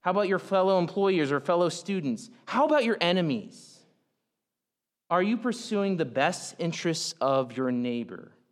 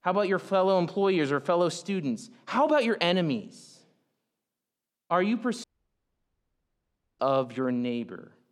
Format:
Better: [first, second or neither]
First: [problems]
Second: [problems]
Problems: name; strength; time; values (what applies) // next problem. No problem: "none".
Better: first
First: none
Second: audio cutting out; at 5.5 s for 1.5 s